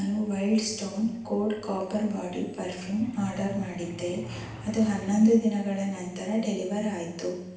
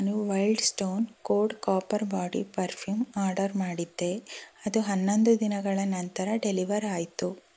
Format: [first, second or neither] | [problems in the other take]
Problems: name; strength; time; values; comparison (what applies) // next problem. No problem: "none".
second | background sound (Truck); 17 dB below the speech // room echo; dies away in 0.9 s